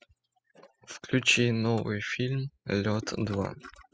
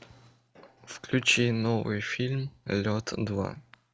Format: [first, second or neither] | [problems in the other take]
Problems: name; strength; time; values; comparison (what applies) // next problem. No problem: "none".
second | noise reduction (classical method spectral subtraction)